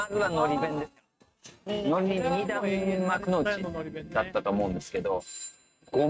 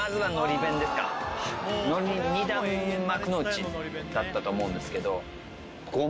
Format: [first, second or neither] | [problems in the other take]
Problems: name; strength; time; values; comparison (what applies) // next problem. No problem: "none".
second | noise reduction (neural mask model RNNoise)